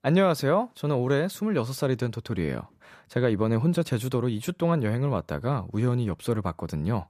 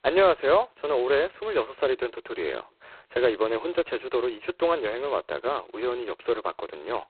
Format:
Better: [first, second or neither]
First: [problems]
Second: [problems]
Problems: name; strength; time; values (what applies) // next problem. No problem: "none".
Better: first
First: none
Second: phone-call audio; poor line; nothing above 4 kHz